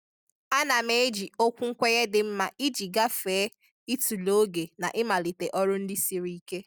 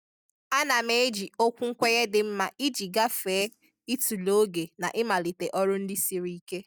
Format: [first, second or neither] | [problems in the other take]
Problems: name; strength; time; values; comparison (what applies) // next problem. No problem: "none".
first | noise reduction (neural mask model DeepFilterNet 3)